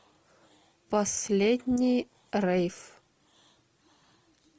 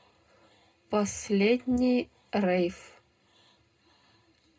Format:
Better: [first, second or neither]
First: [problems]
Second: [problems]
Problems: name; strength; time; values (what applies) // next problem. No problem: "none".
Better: first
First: none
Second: room echo; dies away in 0.2 s